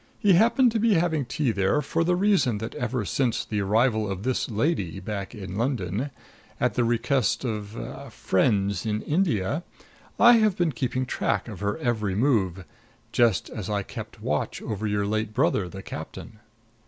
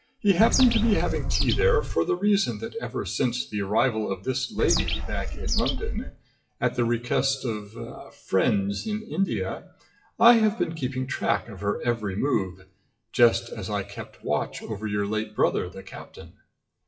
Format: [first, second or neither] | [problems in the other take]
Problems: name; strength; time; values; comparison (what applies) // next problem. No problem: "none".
first | noise reduction (classical method WPE with log-MMSE)